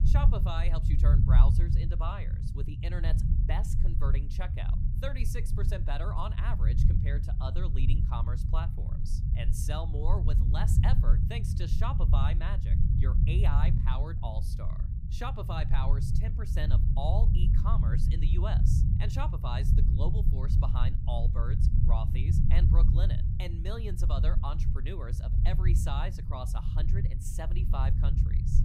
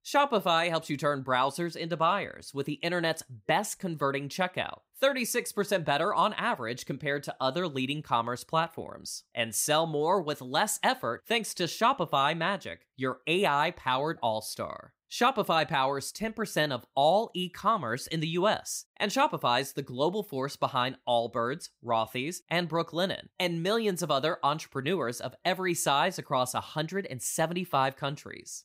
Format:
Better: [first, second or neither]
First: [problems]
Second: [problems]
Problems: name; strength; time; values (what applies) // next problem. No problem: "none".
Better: second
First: low rumble; loud; throughout; 3 dB below the speech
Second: none